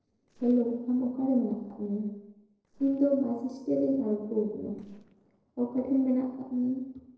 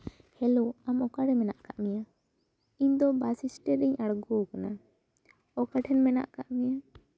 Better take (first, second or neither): second